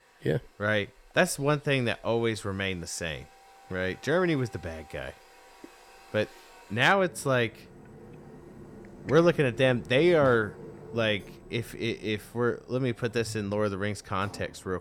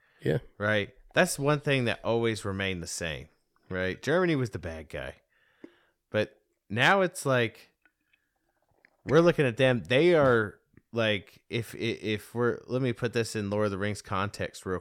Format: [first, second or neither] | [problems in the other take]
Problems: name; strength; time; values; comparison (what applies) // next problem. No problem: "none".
second | household noises; faint; throughout; 20 dB below the speech